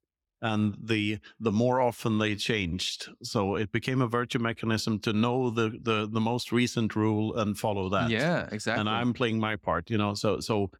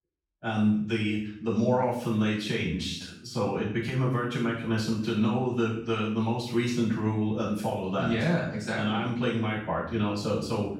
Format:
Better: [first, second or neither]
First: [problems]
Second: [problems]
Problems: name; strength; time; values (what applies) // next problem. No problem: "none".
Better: first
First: none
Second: off-mic speech; far // room echo; noticeable; dies away in 0.6 s